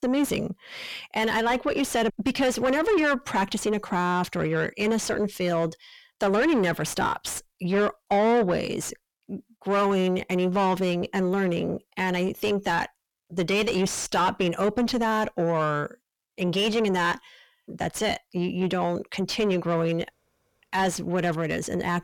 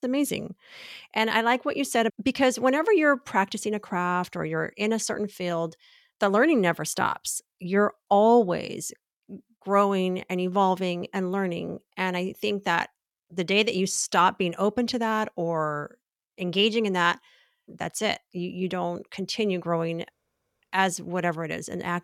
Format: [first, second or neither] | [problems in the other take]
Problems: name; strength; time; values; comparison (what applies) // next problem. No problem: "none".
second | distortion; heavy; 6 dB below the speech